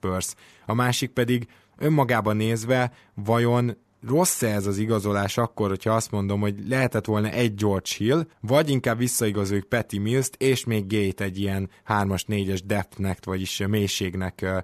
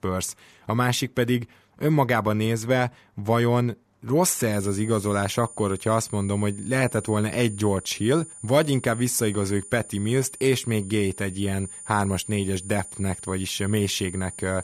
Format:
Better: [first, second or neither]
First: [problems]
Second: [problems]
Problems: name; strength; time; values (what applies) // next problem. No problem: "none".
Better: first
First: none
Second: high-pitched whine; noticeable; from 4.5 s on; 9 kHz, 15 dB below the speech